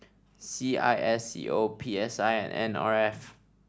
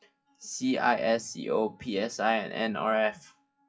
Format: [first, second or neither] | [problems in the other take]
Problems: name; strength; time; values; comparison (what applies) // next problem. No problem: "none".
first | noise reduction (classical method WPE with log-MMSE)